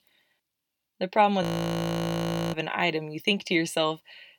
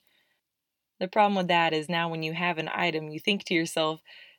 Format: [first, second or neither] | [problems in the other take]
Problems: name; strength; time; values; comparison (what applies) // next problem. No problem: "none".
second | audio freezing; at 1.5 s for 1 s